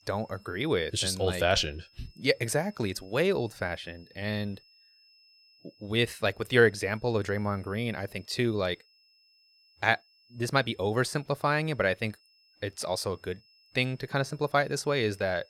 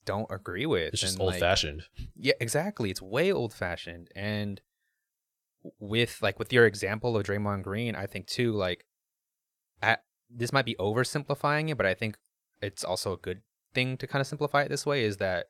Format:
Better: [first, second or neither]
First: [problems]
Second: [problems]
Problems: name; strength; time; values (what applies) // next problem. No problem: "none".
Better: second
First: high-pitched whine; faint; throughout; 5 kHz, 30 dB below the speech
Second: none